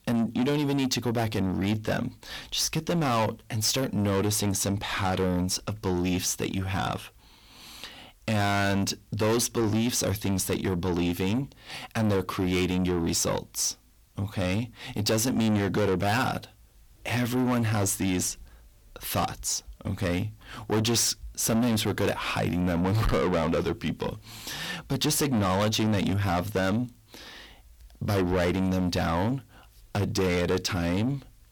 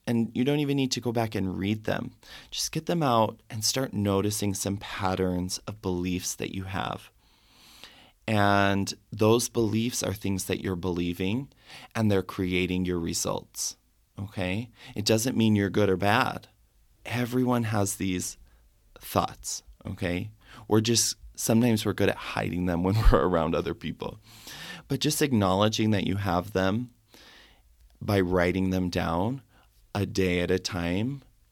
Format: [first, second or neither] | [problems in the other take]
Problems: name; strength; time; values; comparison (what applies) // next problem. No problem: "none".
second | distortion; heavy; 6 dB below the speech